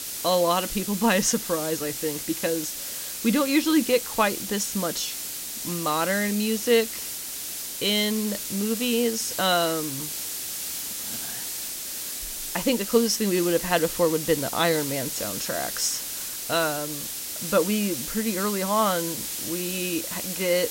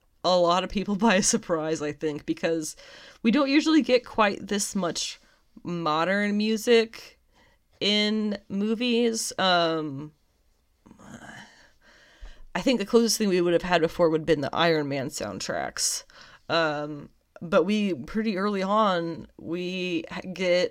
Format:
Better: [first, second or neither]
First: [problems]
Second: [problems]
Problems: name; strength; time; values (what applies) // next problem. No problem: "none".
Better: second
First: hiss; loud; throughout; 5 dB below the speech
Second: none